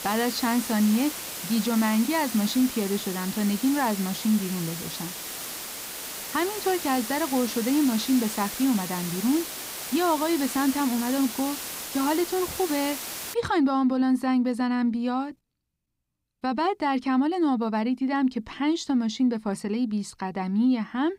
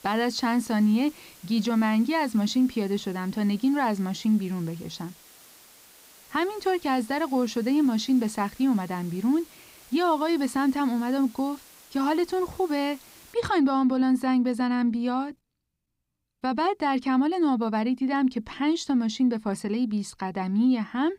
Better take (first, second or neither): second